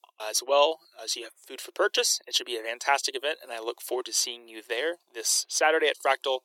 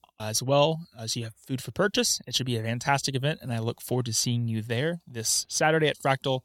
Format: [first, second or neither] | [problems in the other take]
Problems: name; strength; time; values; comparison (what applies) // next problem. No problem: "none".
second | thin; very; fading below 350 Hz